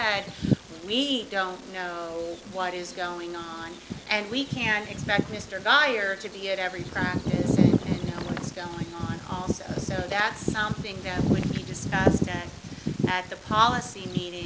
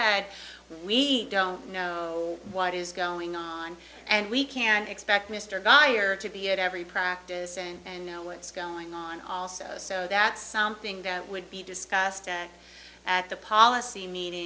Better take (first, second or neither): second